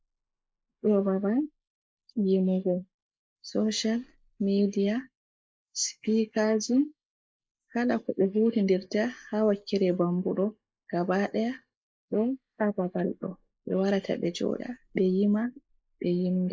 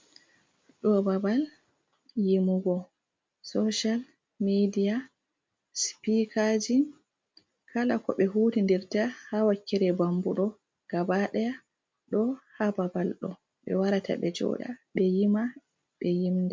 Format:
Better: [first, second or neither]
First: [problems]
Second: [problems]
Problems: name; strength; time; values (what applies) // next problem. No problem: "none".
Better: second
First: noise reduction (neural mask model Resemble Enhance denoiser)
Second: none